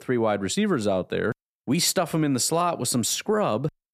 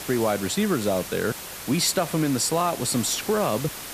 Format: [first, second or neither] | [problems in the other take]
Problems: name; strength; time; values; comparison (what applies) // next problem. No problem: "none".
first | hiss; loud; throughout; 10 dB below the speech